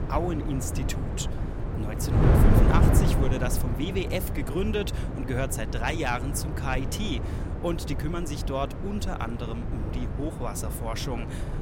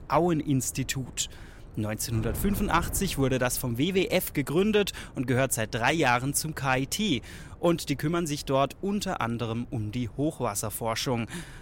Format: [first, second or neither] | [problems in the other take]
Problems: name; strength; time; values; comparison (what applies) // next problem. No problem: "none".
second | wind noise on the microphone; heavy; 3 dB below the speech; occasional gusts in the second